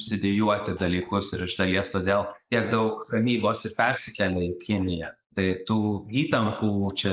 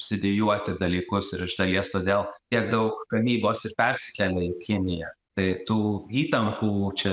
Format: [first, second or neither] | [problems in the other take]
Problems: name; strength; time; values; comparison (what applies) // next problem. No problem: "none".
second | noise reduction (neural mask model Resemble Enhance denoiser)